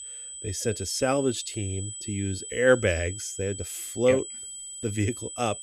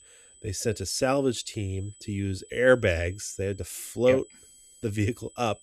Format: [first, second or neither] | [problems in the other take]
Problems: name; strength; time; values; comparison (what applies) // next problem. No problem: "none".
second | high-pitched whine; loud; throughout; 8 kHz, 9 dB below the speech; faint in the second